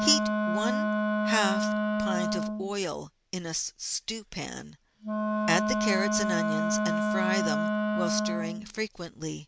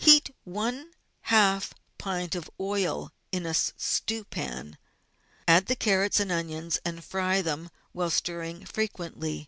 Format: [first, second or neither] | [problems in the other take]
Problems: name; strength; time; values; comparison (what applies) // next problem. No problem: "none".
second | background sound (Wind instrument, woodwind instrument); 3 dB above the speech